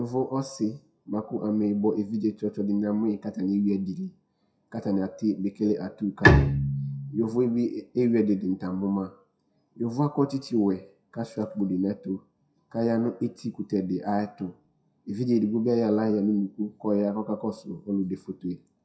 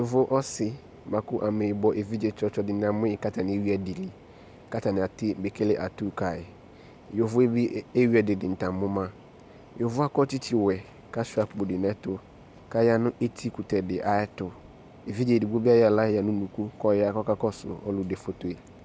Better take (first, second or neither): second